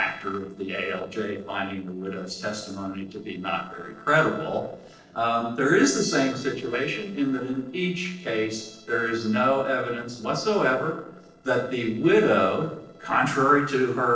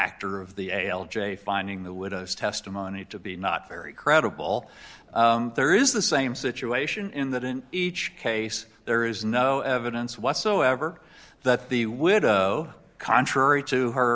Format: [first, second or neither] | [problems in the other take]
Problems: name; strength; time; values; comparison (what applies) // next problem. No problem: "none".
second | noise reduction (neural separator model SepFormer DNS4)